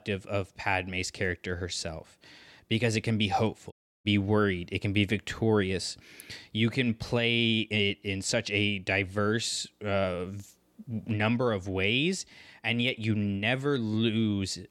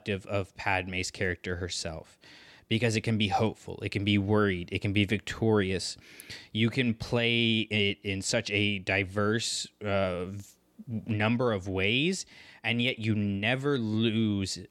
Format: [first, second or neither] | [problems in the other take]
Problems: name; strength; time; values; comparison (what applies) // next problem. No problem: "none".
second | audio cutting out; at 3.5 s